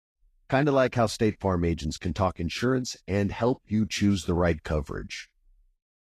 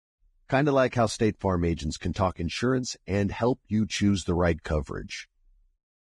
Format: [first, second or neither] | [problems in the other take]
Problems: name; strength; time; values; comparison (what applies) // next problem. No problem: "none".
first | garbled, watery; badly; nothing above 10.5 kHz; slightly in the first